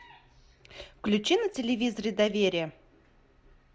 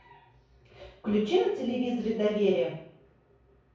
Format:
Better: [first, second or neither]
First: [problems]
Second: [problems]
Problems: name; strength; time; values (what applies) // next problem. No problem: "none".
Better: first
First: none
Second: room echo; dies away in 0.6 s